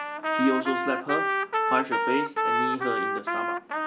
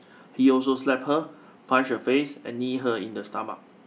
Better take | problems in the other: second | background sound (Trumpet); 3 dB above the speech

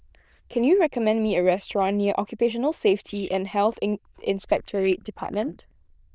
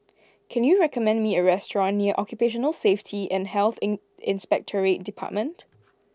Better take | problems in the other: second | noise reduction (neural diffusion model UNIVERSE++)

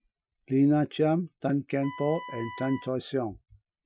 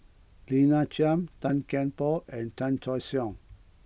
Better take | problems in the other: second | noise reduction (classical method Wiener filter)

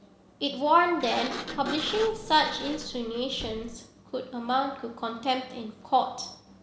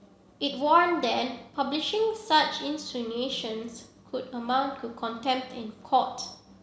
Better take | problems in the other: second | background sound (Sliding door); 13 dB below the speech

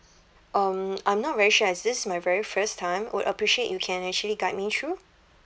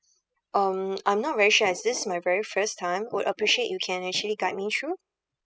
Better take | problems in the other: first | noise reduction (classical method spectral subtraction)

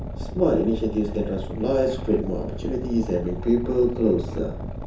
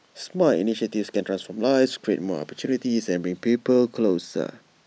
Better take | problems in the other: second | background sound (Boat, Water vehicle); 7 dB below the speech // room echo; dies away in 0.6 s

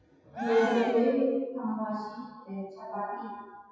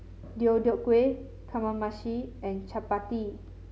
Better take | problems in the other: second | noise reduction (classical method WPE with log-MMSE)

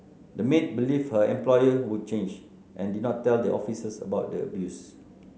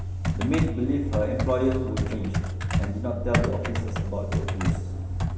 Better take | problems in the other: first | background sound (Computer keyboard); 2 dB above the speech // room echo; dies away in 2.1 s

